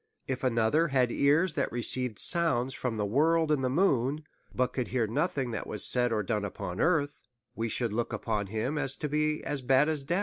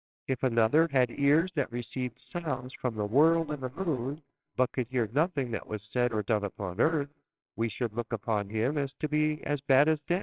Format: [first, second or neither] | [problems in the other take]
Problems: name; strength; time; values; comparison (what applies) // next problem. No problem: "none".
first | noise reduction (neural separator model SepFormer WHAMR!)